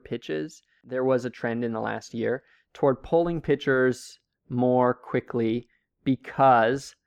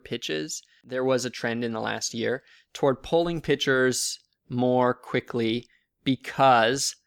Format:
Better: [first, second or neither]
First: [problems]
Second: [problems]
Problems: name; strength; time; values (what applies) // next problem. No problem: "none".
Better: second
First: muffled; very; fading above 2.5 kHz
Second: none